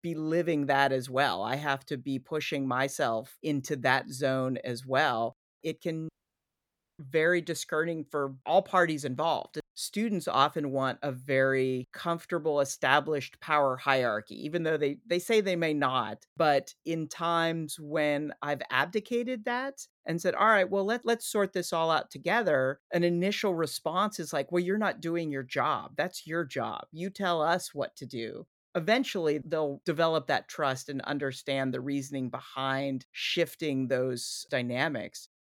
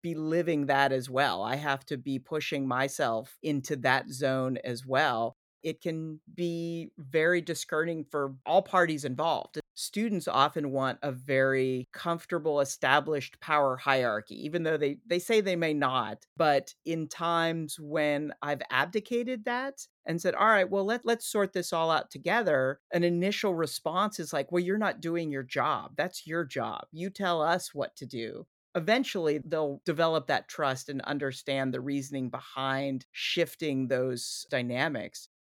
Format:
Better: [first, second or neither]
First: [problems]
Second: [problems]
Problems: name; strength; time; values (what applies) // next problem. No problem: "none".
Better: second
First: audio cutting out; at 6 s for 1 s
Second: none